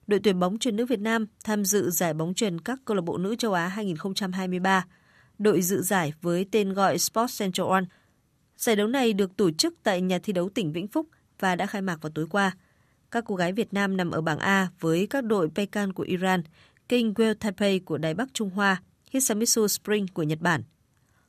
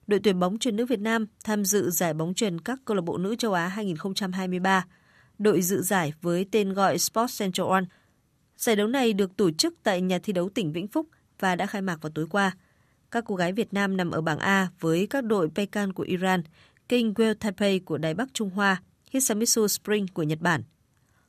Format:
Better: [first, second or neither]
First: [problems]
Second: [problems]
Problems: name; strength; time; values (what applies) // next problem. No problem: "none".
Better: neither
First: none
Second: none